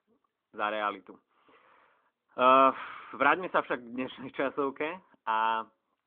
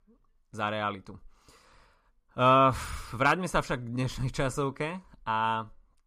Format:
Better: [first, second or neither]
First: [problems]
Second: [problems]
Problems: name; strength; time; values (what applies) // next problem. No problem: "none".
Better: second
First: phone-call audio; nothing above 3.5 kHz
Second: none